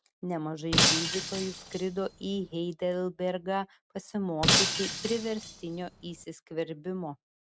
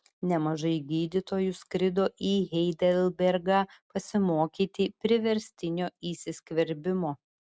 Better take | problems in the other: second | background sound (Shatter); 4 dB above the speech

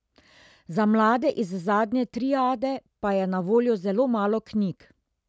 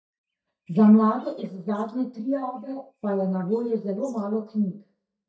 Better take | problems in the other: first | noise reduction (neural mask model DeepFilterNet 3)

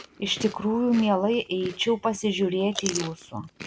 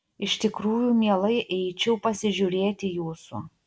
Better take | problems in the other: second | background sound (Chewing, mastication); 14 dB below the speech

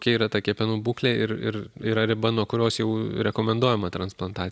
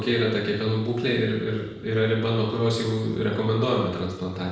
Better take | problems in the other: first | room echo; dies away in 1 s

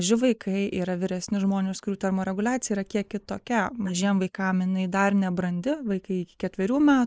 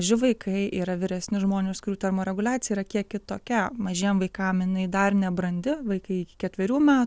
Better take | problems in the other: second | noise reduction (neural mask model Resemble Enhance denoiser)

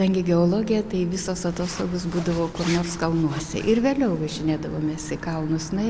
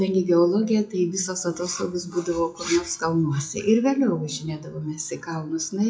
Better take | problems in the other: first | noise reduction (classical method WPE with log-MMSE)

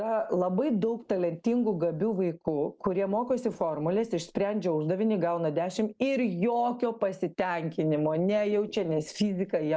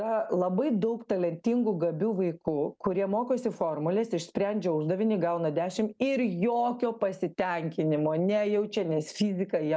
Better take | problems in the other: second | noise reduction (neural mask model Resemble Enhance denoiser)

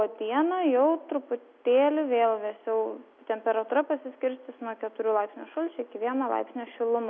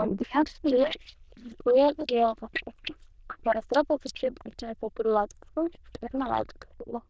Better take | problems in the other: first | noise reduction (neural diffusion model UNIVERSE++)

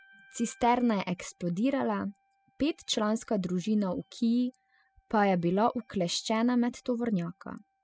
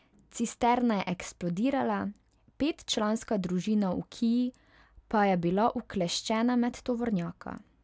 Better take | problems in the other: second | noise reduction (classical method spectral subtraction)

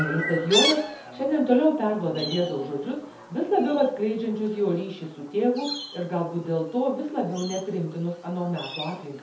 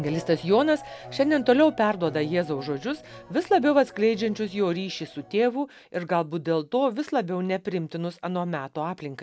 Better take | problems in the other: second | background sound (Chirp, tweet); 9 dB below the speech // room echo; dies away in 0.5 s

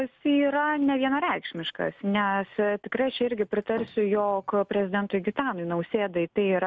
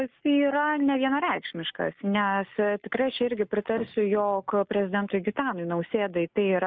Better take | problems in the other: first | noise reduction (neural mask model Resemble Enhance denoiser)

